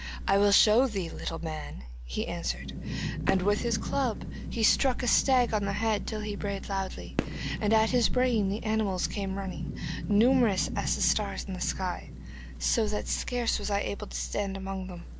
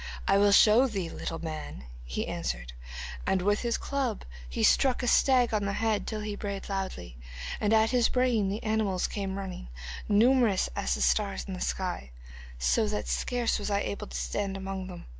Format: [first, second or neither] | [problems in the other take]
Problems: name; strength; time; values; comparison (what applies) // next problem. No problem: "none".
second | background sound (Fireworks + Rain / Thunderstorm); 10 dB below the speech